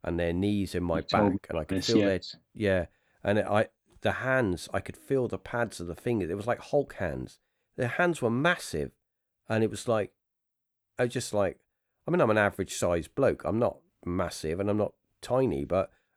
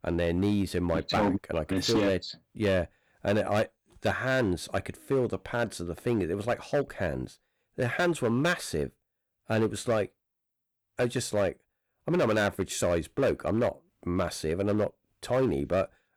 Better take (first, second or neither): first